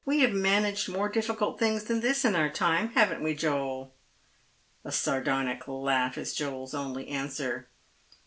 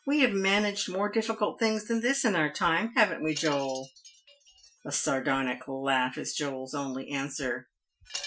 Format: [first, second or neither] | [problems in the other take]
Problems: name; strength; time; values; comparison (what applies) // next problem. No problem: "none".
first | noise reduction (classical method Wiener filter)